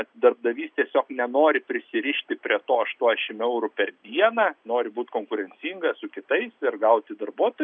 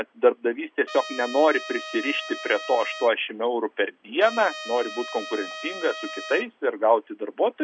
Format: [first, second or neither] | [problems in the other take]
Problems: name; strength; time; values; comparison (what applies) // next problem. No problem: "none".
first | background sound (Trumpet); 12 dB below the speech